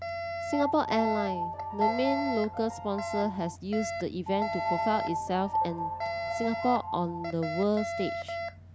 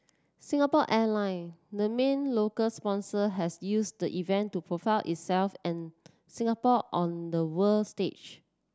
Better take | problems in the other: second | background sound (Alarm + Piano); 2 dB below the speech

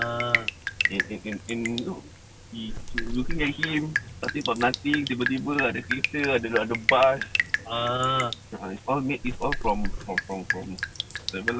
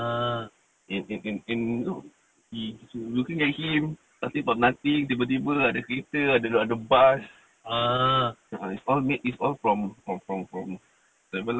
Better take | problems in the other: second | background sound (Drip); 3 dB below the speech

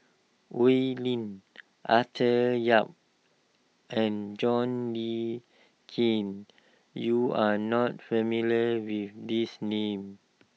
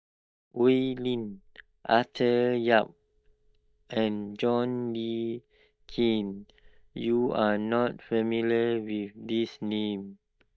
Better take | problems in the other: first | noise reduction (neural mask model DeepFilterNet 3)

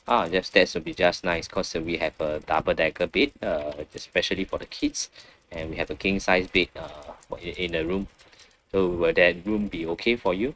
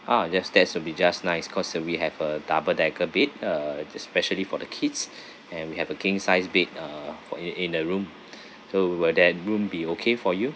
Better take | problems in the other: second | noise reduction (neural mask model RNNoise)

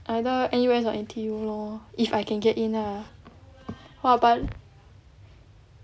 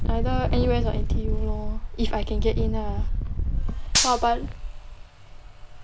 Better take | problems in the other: first | background sound (Gunshot, gunfire + Engine); 5 dB above the speech

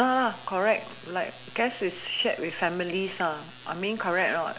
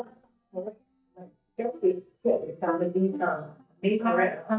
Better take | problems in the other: first | noise reduction (neural mask model DeepFilterNet 3)

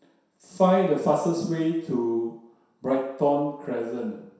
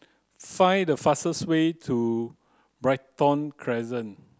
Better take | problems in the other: second | room echo; dies away in 0.7 s

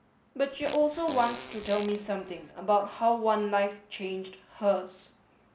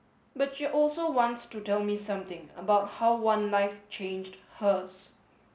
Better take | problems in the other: second | background sound (Fart); 14 dB below the speech

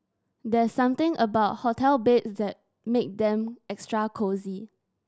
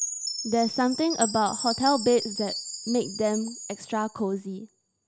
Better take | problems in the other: first | background sound (Chime); 7 dB below the speech

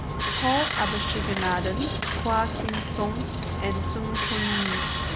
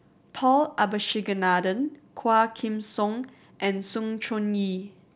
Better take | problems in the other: second | background sound (Sawing); 2 dB above the speech

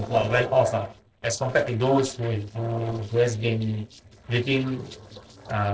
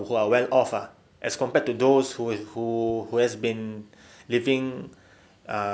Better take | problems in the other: second | noise reduction (neural separator model SepFormer DNS4)

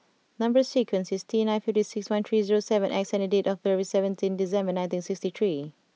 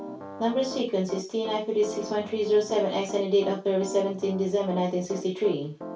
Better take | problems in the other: first | background sound (Piano); 13 dB below the speech // room echo; dies away in 0.2 s

